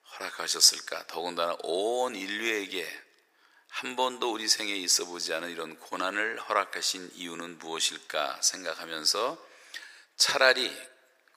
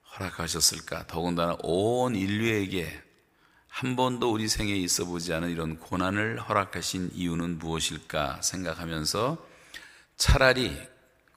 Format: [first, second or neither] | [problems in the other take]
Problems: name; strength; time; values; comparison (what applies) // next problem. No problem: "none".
second | thin; somewhat; fading below 400 Hz